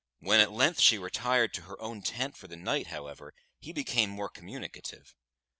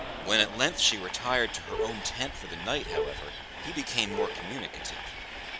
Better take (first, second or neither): first